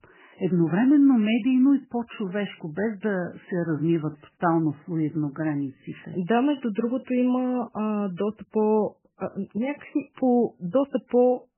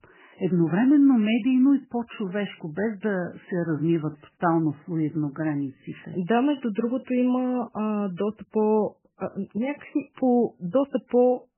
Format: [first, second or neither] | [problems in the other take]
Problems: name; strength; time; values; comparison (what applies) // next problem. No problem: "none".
neither | garbled, watery; badly; nothing above 3 kHz; the same in both